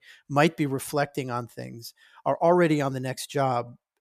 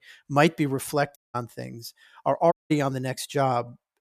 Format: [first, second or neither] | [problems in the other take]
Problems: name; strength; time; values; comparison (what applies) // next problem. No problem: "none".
first | audio cutting out; at 1 s and at 2.5 s